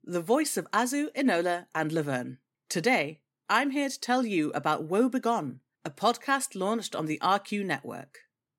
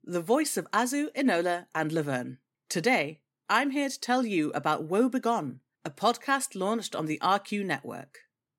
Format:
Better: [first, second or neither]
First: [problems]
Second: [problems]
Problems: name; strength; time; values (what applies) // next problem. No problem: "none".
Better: neither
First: none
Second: none